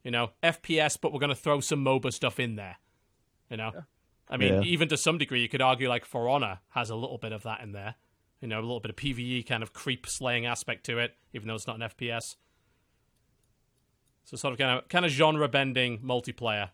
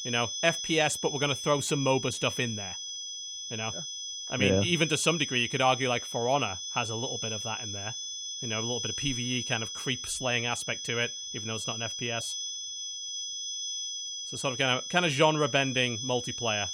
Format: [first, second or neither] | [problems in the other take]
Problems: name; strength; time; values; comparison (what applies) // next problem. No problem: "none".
first | high-pitched whine; loud; throughout; 3.5 kHz, 5 dB below the speech